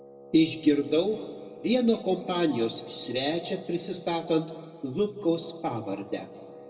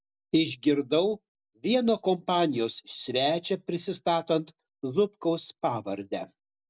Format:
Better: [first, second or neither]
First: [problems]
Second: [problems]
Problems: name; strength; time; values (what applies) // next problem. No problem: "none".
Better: second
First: background sound (Wind instrument, woodwind instrument); 18 dB below the speech // room echo; dies away in 1.4 s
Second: none